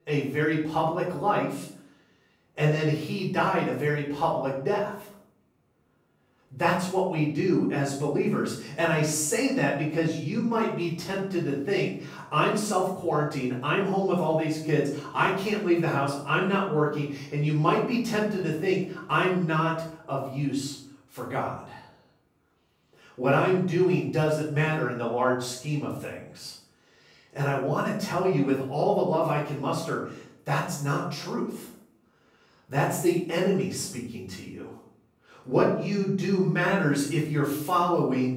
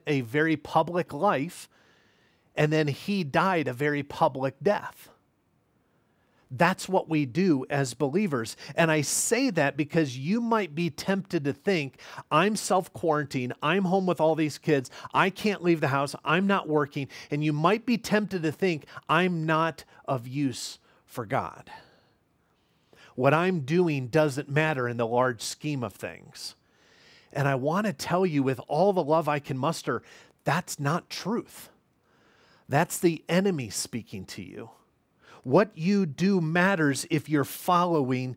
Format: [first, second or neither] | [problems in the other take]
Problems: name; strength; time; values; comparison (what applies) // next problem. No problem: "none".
second | room echo; noticeable; dies away in 0.5 s // off-mic speech; far